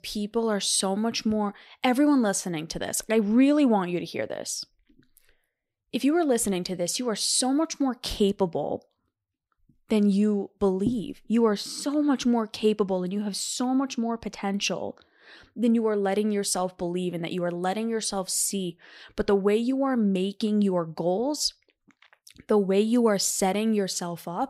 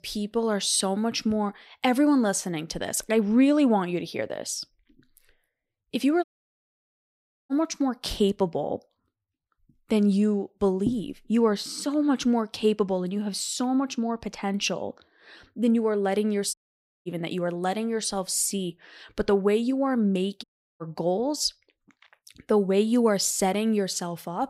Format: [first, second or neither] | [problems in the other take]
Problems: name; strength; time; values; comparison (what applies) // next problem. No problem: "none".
first | audio cutting out; at 6 s for 1.5 s, at 17 s for 0.5 s and at 20 s